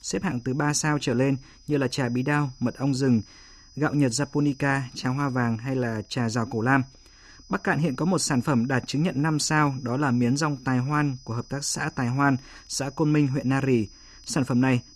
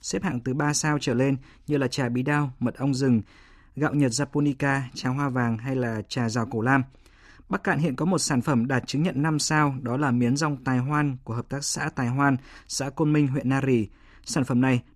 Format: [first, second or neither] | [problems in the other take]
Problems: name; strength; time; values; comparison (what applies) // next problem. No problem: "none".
second | high-pitched whine; faint; throughout; 5 kHz, 25 dB below the speech